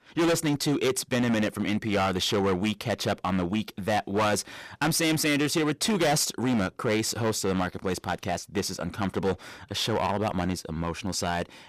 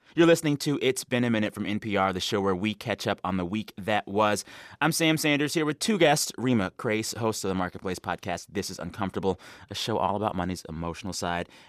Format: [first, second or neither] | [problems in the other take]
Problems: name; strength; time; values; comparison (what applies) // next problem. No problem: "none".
second | distortion; heavy; 12% of the sound clipped